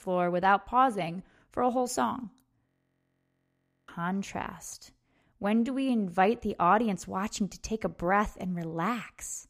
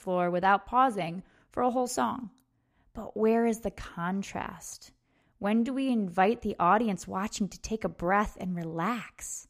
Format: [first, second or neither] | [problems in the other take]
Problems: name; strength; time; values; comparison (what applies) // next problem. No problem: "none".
second | audio freezing; at 2.5 s for 1 s